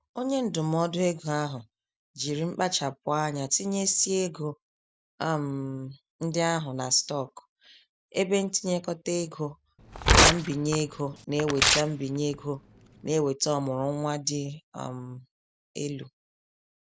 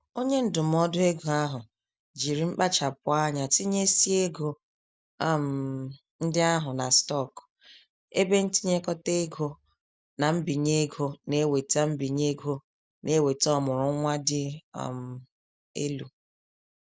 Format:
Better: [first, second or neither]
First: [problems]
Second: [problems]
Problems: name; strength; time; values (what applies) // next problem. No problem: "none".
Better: second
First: background sound (Tearing); 3 dB above the speech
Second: none